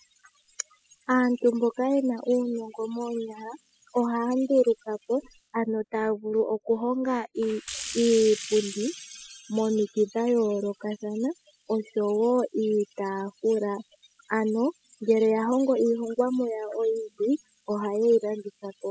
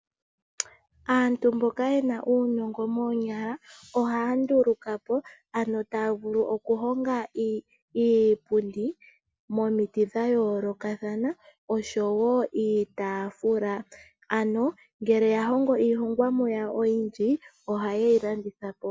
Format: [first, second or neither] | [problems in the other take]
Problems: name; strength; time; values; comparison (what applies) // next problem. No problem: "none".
second | noise reduction (classical method spectral subtraction)